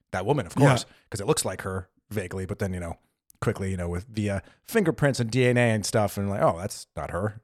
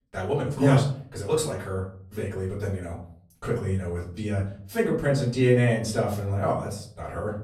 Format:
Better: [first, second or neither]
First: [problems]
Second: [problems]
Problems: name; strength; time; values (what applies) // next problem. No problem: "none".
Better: first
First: none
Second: room echo; slight; dies away in 0.5 s // off-mic speech; far